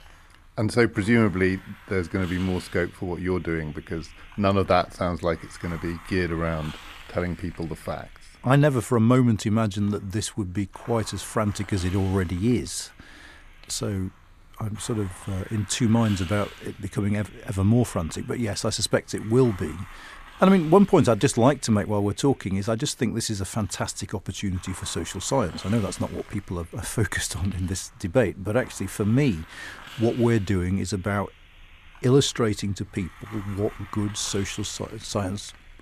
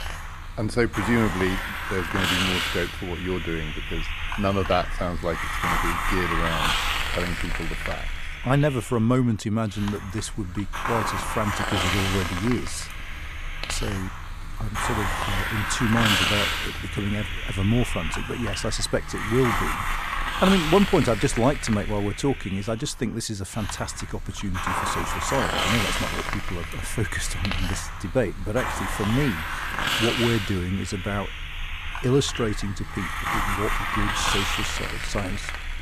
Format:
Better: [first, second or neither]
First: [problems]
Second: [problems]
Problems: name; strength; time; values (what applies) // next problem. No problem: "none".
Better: first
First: hiss; faint; throughout; 20 dB below the speech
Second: hiss; loud; throughout; 1 dB below the speech